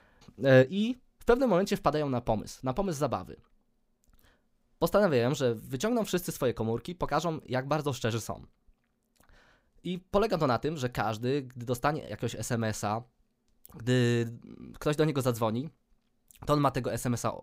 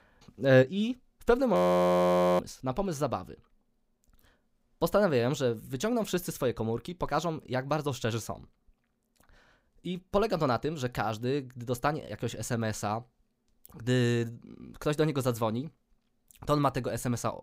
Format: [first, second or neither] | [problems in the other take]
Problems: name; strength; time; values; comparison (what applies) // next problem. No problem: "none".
first | audio freezing; at 1.5 s for 1 s